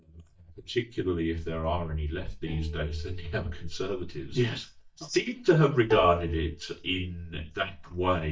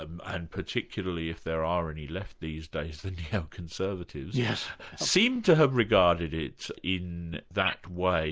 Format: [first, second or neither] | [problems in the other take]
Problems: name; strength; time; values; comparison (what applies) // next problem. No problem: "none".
second | noise reduction (neural mask model DeepFilterNet 3)